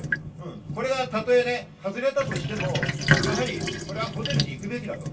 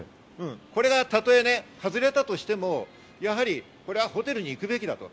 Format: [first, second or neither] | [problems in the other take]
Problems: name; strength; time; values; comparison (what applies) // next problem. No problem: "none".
second | background sound (Sink (filling or washing)); as loud as the speech // room echo; dies away in 0.2 s